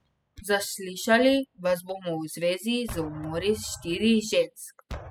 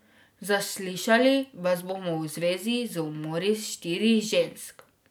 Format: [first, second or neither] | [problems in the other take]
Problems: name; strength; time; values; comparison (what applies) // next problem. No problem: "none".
second | noise reduction (classical method spectral subtraction)